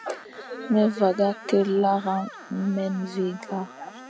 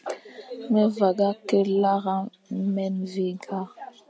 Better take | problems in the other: second | background sound (Screech); 17 dB below the speech

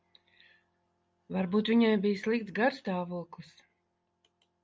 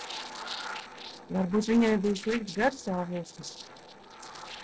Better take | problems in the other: first | noise reduction (neural separator model SepFormer DNS4)

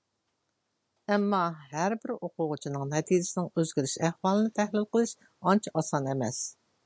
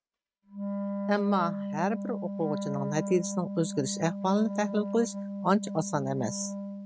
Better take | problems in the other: first | noise reduction (neural mask model RNNoise)

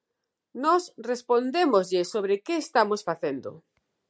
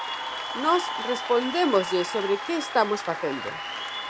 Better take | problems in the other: first | background sound (Applause / Cheering); 6 dB below the speech

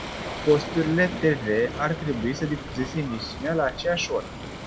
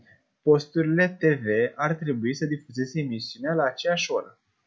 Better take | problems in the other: second | background sound (Waves, surf); 9 dB below the speech

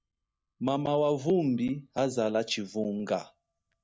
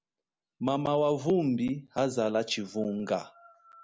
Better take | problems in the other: second | noise reduction (neural mask model DeepFilterNet 3)

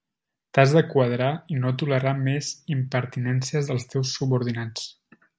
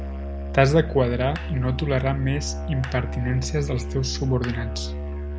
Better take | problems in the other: first | background sound (Musical instrument); 5 dB below the speech

